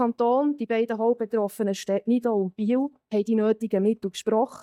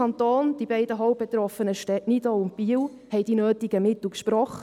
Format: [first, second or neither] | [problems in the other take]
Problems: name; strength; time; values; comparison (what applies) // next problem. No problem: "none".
second | noise reduction (neural mask model DeepFilterNet 3)